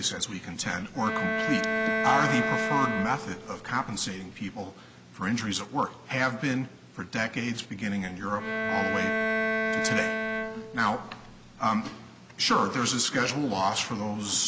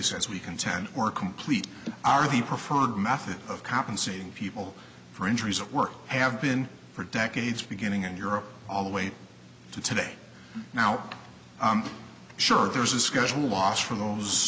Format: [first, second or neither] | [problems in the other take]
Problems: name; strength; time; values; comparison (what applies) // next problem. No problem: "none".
second | background sound (Bowed string instrument); 1 dB below the speech